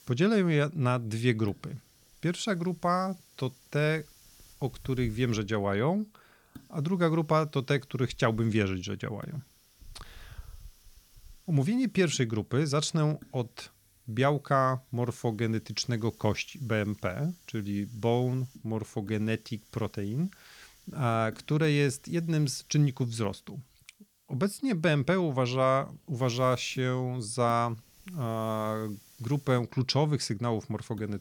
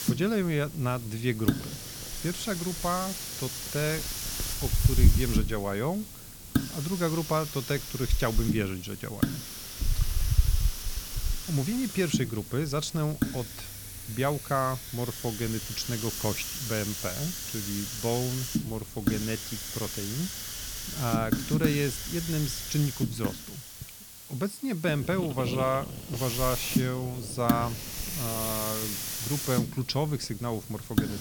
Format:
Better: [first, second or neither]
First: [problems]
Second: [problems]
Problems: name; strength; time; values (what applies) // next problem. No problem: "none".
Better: first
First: hiss; faint; throughout; 25 dB below the speech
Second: hiss; loud; throughout; 1 dB below the speech